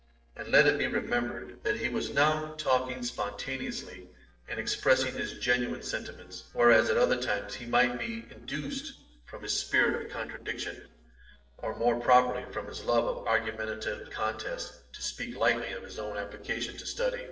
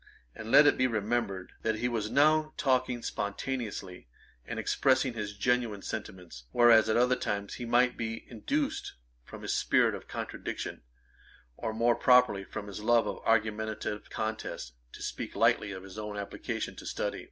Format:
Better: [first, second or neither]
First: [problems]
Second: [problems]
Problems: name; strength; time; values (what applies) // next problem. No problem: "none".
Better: second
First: noise reduction (neural separator model SepFormer DNS4)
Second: none